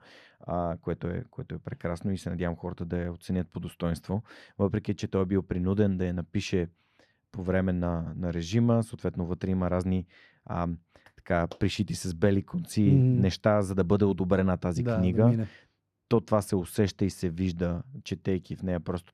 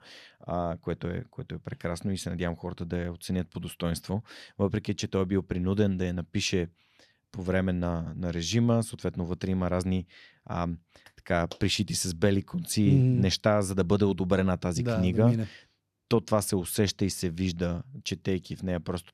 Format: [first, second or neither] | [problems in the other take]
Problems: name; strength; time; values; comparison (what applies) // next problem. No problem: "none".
second | muffled; slightly; fading above 2.5 kHz